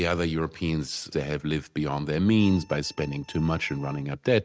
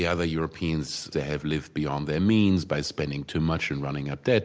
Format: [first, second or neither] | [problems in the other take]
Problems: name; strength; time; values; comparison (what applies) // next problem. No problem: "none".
second | noise reduction (neural mask model RNNoise)